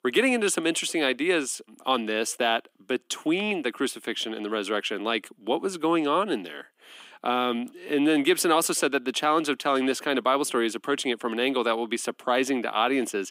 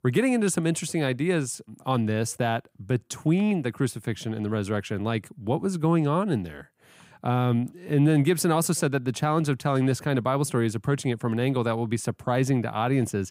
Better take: second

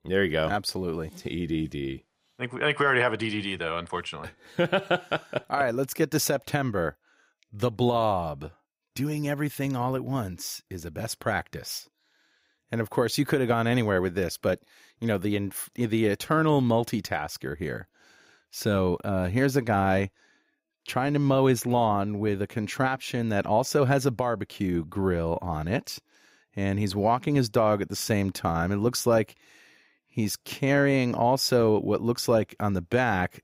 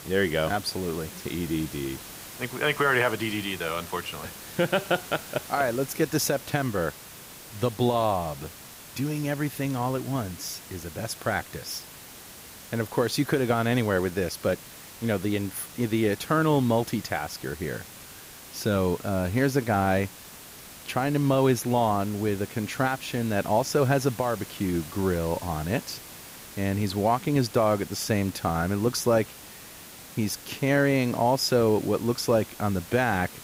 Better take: first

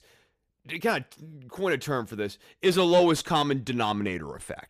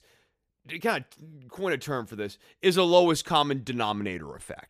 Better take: second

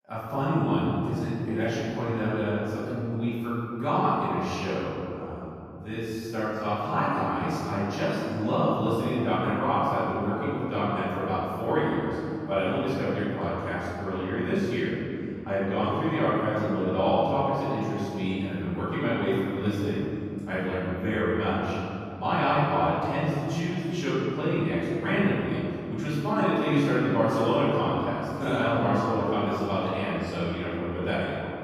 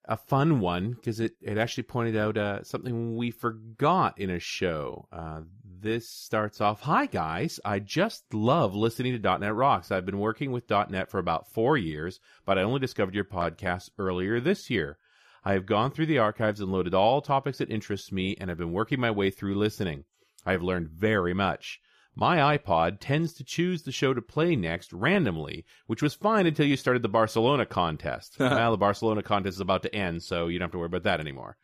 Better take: second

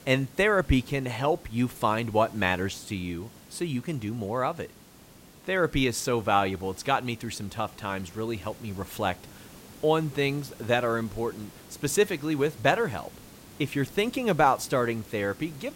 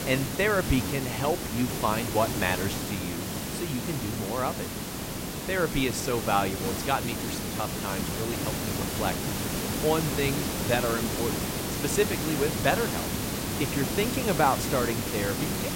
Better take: first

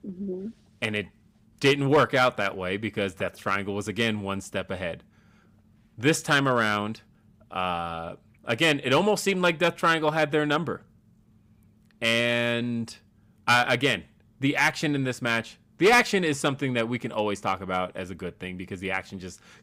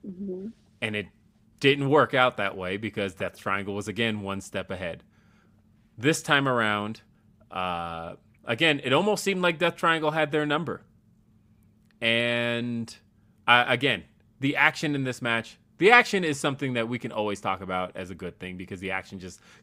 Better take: second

